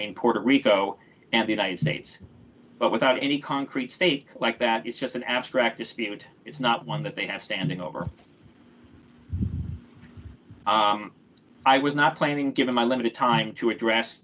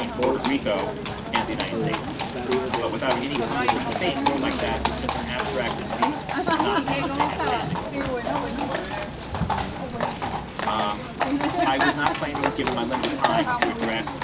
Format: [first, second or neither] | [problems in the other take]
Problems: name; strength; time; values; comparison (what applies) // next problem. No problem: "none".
first | background sound (Livestock, farm animals, working animals); 5 dB above the speech